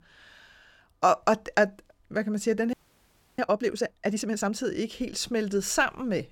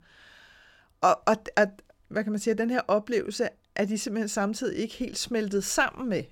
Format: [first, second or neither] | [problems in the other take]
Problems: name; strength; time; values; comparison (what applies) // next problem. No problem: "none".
second | audio freezing; at 2.5 s for 0.5 s